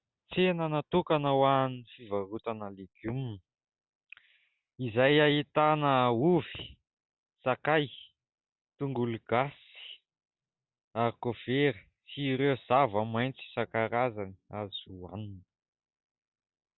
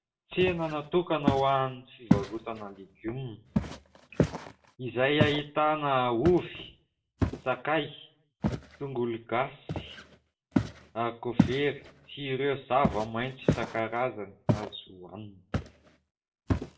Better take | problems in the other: first | background sound (Walk, footsteps); 2 dB below the speech // room echo; dies away in 0.3 s

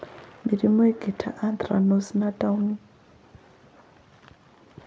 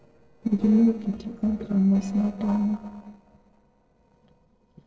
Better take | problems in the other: first | noise reduction (neural separator model SepFormer DNS4)

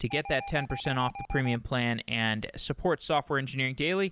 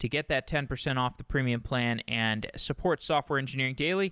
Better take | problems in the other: second | background sound (Alarm); 11 dB below the speech

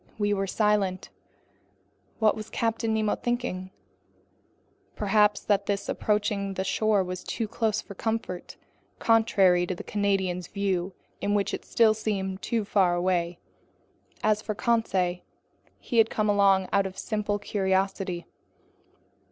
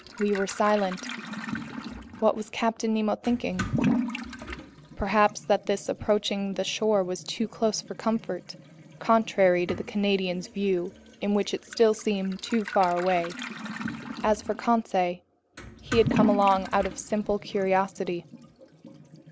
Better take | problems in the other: first | background sound (Toilet flush / Liquid); 9 dB below the speech

